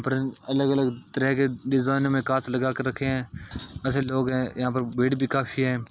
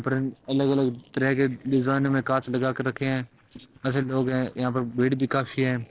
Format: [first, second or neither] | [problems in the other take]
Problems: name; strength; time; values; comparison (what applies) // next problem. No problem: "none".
first | noise reduction (neural separator model SepFormer DNS4)